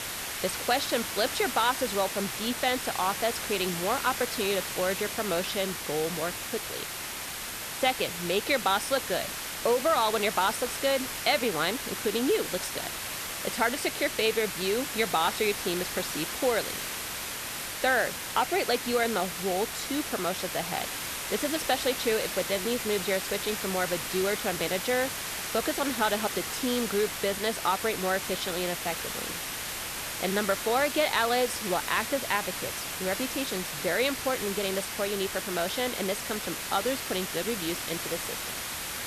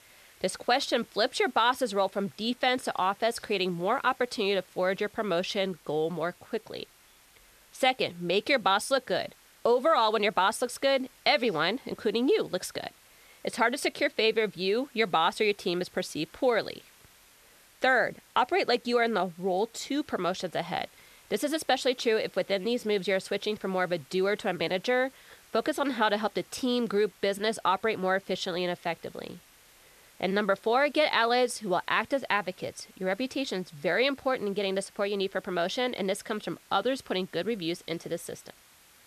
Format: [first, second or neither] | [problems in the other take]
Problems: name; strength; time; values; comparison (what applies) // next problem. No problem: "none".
second | hiss; loud; throughout; 3 dB below the speech; faint in the second